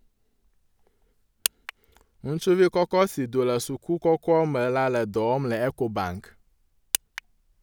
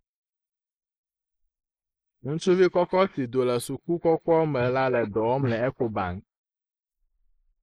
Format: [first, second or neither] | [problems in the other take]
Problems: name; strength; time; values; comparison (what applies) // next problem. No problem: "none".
first | noise reduction (neural mask model Resemble Enhance denoiser)